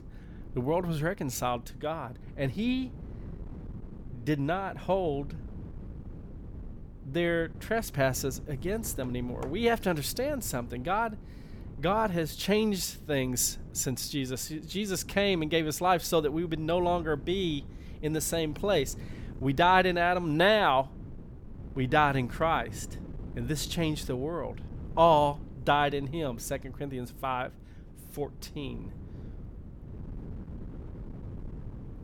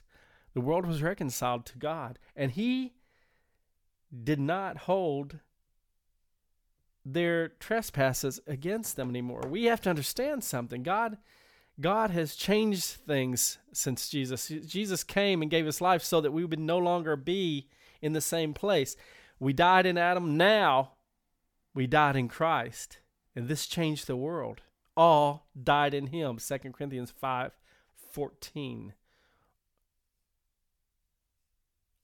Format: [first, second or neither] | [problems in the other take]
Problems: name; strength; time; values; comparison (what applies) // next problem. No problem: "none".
second | wind noise on the microphone; occasional gusts; 25 dB below the speech